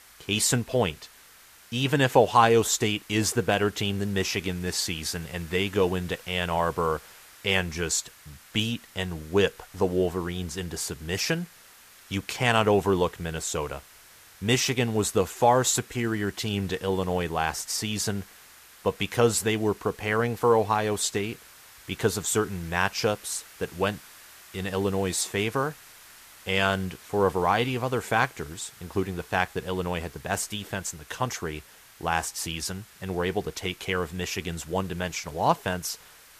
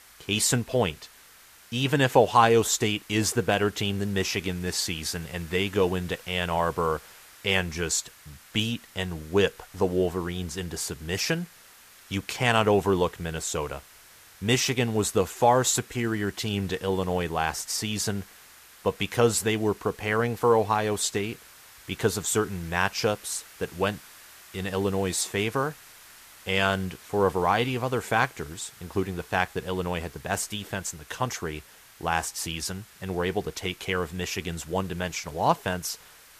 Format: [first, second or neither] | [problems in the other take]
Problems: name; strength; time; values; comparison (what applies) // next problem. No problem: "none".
neither | hiss; faint; throughout; 20 dB below the speech; the same in both